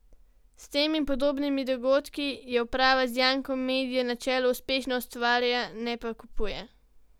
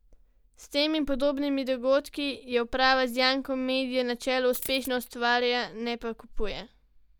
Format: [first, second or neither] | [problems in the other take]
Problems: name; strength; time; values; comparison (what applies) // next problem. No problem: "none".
first | noise reduction (neural mask model DeepFilterNet 3)